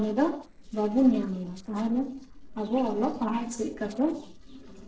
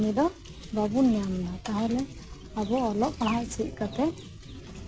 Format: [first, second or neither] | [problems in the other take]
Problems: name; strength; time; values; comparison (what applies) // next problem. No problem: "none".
second | noise reduction (neural separator model SepFormer DNS4)